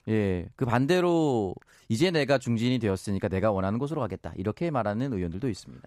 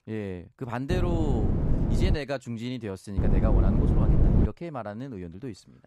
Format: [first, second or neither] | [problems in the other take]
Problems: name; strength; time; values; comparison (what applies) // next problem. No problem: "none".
first | wind noise on the microphone; heavy; from 1 to 2 s and from 3 to 4.5 s; 1 dB above the speech